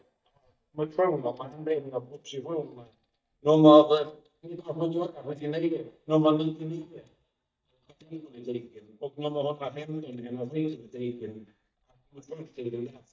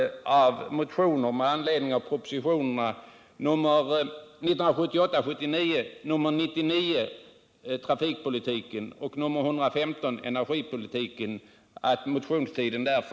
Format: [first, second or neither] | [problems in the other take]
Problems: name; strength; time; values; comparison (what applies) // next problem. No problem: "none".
second | noise reduction (neural mask model DeepFilterNet 3)